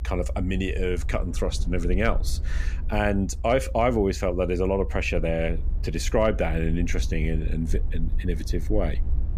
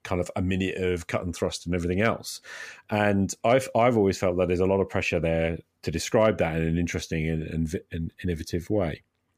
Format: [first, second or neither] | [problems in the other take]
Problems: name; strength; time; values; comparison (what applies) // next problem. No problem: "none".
second | low rumble; faint; throughout; 20 dB below the speech